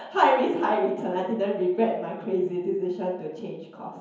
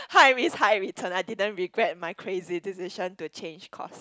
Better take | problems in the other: second | room echo; dies away in 0.9 s

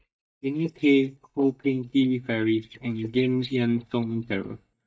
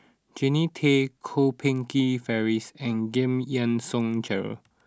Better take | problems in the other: second | noise reduction (neural mask model DeepFilterNet 3)

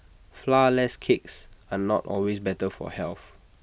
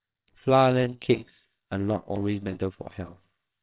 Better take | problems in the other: first | noise reduction (neural separator model SepFormer WHAMR!)

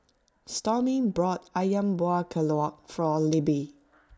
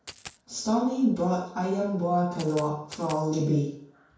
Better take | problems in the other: first | background sound (Coin (dropping)); 17 dB below the speech // room echo; dies away in 0.5 s

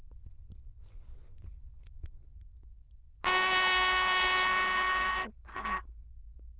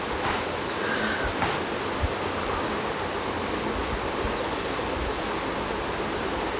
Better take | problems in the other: second | noise reduction (neural diffusion model UNIVERSE++)

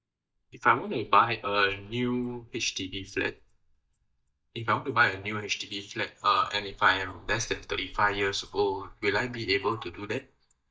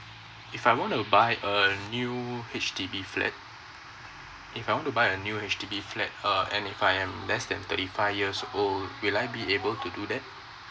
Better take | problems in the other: second | noise reduction (neural mask model DeepFilterNet 3)

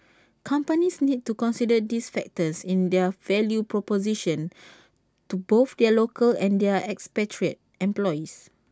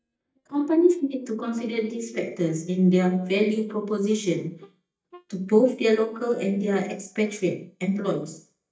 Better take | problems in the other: first | noise reduction (neural mask model DeepFilterNet 3)

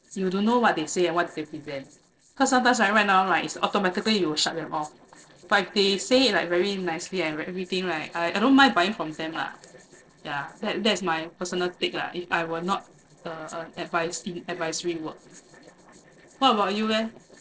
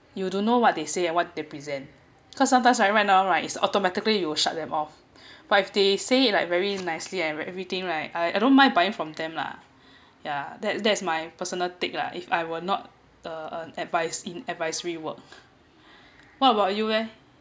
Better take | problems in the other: second | noise reduction (neural separator model SepFormer DNS4)

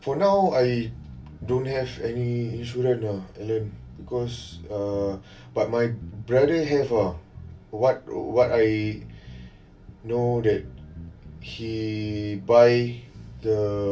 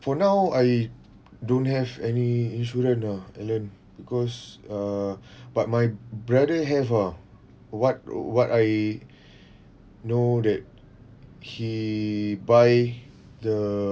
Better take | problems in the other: second | background sound (Bass guitar); 19 dB below the speech // room echo; dies away in 0.2 s

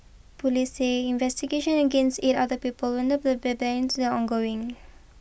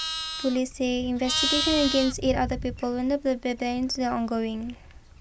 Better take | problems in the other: first | background sound (Livestock, farm animals, working animals); 6 dB below the speech

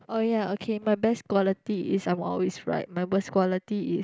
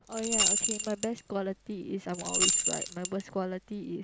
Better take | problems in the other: first | background sound (Rattle / Keys jangling); 4 dB above the speech

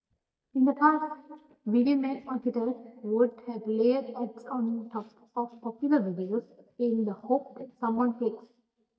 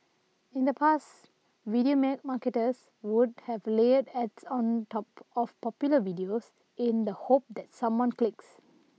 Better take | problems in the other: second | noise reduction (neural mask model DeepFilterNet 3)

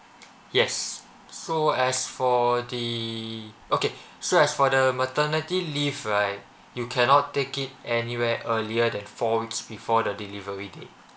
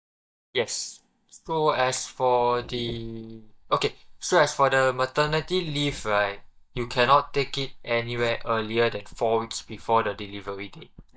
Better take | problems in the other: first | noise reduction (neural mask model DeepFilterNet 3)

